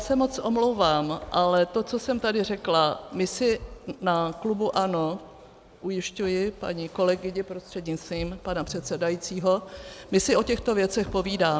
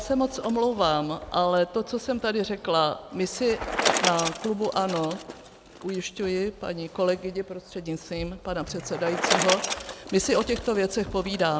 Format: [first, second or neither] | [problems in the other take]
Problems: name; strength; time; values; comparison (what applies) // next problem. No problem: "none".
first | background sound (Bicycle); 7 dB below the speech